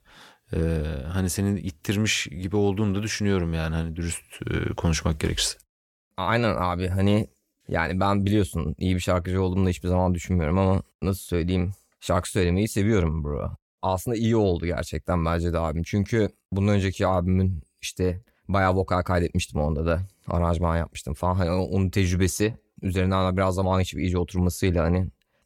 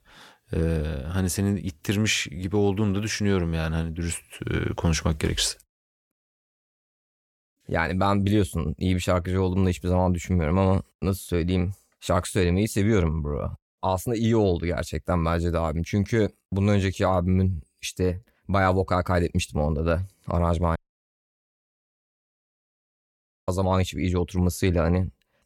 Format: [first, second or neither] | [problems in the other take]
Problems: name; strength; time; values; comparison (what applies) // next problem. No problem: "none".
first | audio cutting out; at 6 s for 1.5 s and at 21 s for 2.5 s